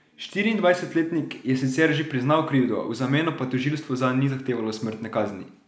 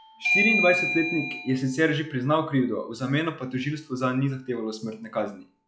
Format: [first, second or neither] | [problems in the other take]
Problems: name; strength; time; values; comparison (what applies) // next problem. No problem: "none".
first | noise reduction (classical method log-MMSE)